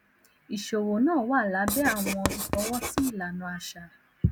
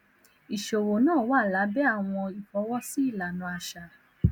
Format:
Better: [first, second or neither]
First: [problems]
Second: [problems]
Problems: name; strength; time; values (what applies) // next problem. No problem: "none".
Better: second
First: background sound (Writing); 5 dB below the speech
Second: none